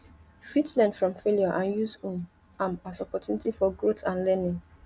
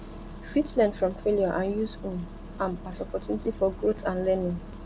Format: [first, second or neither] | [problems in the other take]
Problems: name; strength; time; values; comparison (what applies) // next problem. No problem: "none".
first | background sound (Engine starting); 12 dB below the speech